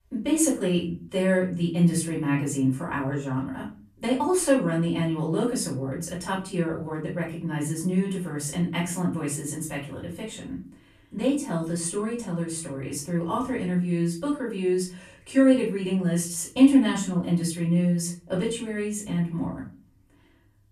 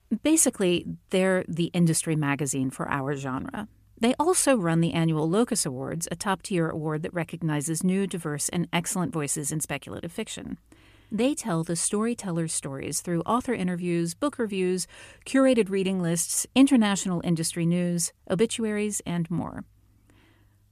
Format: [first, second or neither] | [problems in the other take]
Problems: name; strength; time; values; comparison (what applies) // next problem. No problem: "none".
second | off-mic speech; far // room echo; slight; dies away in 0.3 s